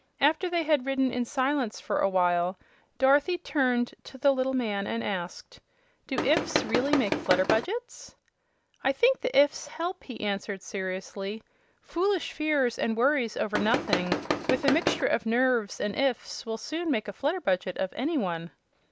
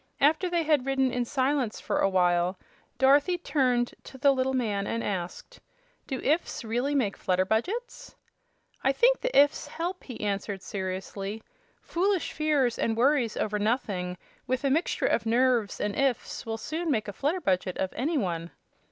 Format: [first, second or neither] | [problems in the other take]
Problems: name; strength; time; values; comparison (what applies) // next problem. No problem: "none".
second | background sound (Tools); 1 dB below the speech